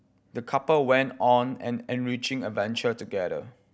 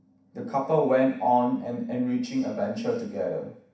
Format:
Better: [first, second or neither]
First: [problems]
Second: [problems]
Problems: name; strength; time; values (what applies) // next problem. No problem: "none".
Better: first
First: none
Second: room echo; dies away in 0.7 s